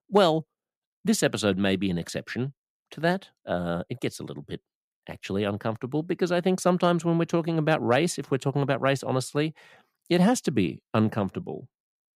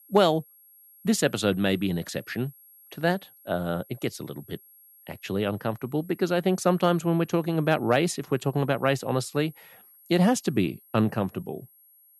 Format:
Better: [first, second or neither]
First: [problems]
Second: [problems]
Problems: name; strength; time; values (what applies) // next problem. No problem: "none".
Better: first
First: none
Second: high-pitched whine; faint; throughout; 11.5 kHz, 25 dB below the speech